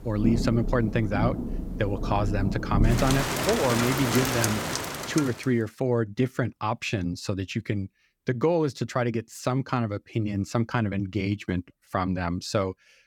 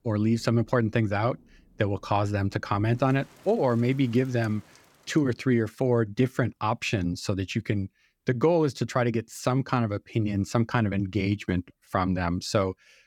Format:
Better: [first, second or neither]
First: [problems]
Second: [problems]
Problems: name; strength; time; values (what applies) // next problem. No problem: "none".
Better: second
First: rain or running water; loud; until 5 s; 1 dB below the speech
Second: rain or running water; faint; until 5 s; 30 dB below the speech